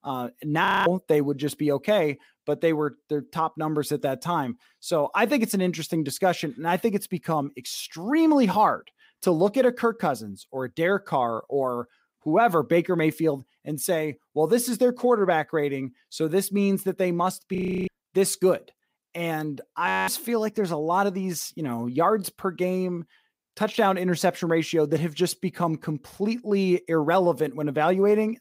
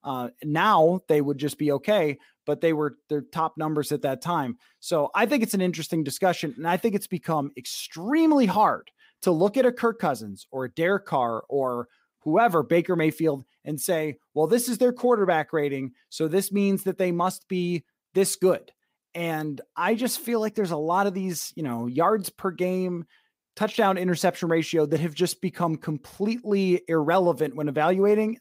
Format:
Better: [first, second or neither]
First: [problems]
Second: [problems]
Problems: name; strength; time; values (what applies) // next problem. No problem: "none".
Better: second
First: audio freezing; at 0.5 s, at 18 s and at 20 s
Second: none